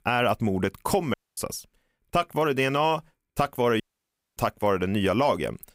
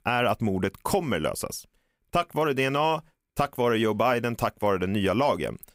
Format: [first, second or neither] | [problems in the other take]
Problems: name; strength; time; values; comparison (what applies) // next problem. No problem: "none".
second | audio cutting out; at 1 s and at 4 s for 0.5 s